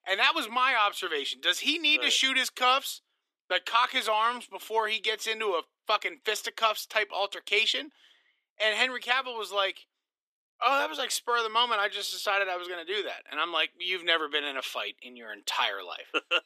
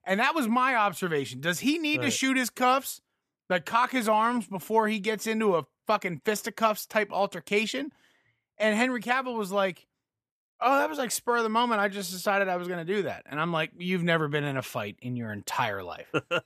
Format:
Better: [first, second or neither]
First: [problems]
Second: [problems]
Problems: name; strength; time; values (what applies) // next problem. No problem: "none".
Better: second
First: thin; somewhat; fading below 300 Hz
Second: none